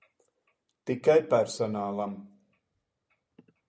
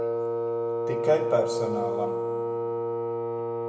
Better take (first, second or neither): first